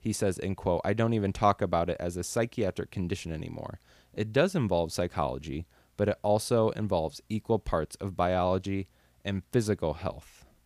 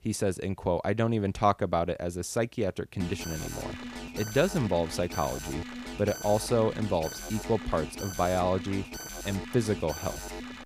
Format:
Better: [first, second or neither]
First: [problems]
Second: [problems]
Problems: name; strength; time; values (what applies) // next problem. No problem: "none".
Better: first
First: none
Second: alarm; noticeable; from 3 s on; peak 8 dB below the speech